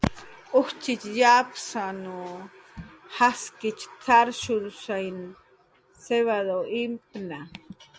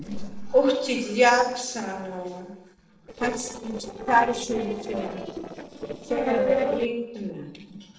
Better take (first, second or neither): first